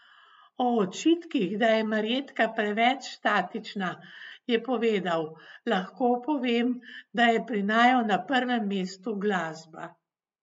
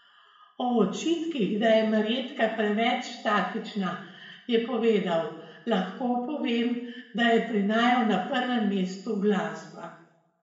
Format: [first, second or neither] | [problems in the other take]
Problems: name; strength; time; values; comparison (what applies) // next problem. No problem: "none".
first | room echo; dies away in 0.8 s